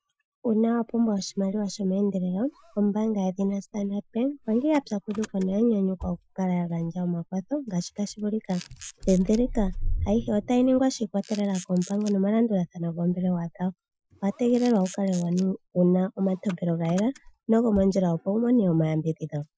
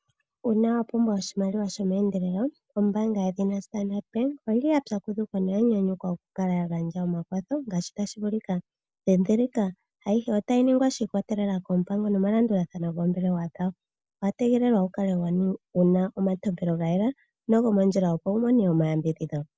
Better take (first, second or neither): second